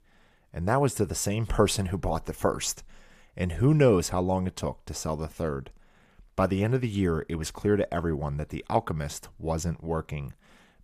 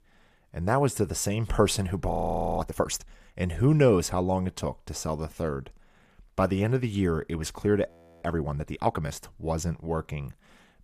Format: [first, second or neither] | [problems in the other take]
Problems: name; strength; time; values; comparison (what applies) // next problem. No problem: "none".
first | audio freezing; at 2 s and at 8 s